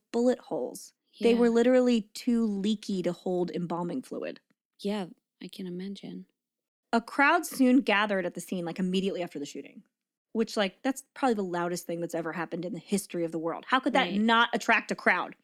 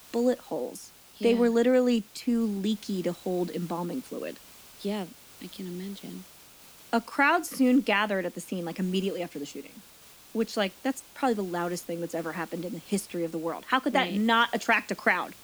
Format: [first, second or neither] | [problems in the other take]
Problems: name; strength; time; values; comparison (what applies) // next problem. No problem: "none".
first | hiss; faint; throughout; 20 dB below the speech